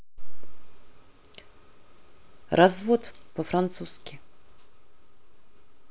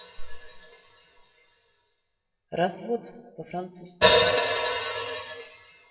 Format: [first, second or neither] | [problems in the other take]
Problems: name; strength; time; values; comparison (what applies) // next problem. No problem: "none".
first | noise reduction (classical method WPE with log-MMSE)